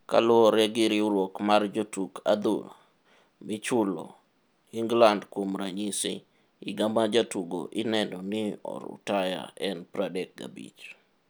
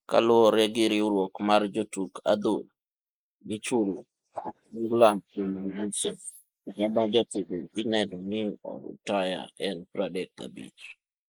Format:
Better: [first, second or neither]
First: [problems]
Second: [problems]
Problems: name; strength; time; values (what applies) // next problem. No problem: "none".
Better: first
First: none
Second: noise reduction (neural mask model Resemble Enhance denoiser)